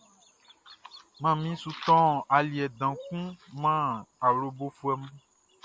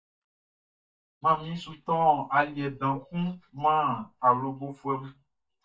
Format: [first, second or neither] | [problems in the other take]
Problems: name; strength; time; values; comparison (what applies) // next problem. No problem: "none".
first | noise reduction (neural mask model DeepFilterNet 3)